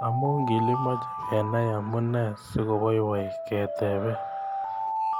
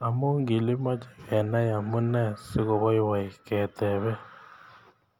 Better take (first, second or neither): second